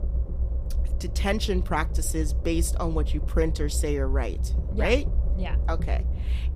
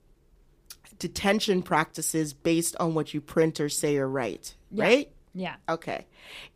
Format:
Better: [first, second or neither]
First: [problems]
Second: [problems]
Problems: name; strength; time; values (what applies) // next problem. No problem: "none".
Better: second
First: low rumble; noticeable; throughout; 15 dB below the speech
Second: none